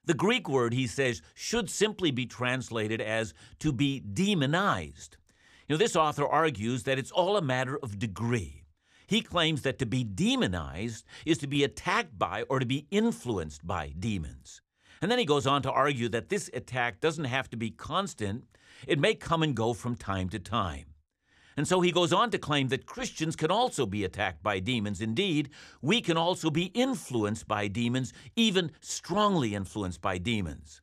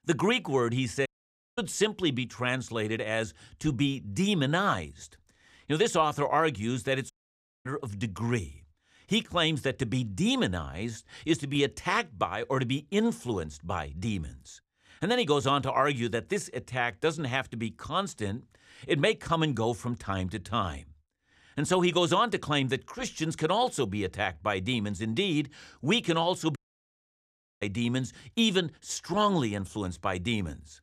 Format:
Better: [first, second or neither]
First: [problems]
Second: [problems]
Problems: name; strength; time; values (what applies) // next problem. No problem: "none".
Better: first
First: none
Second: audio cutting out; at 1 s for 0.5 s, at 7 s for 0.5 s and at 27 s for 1 s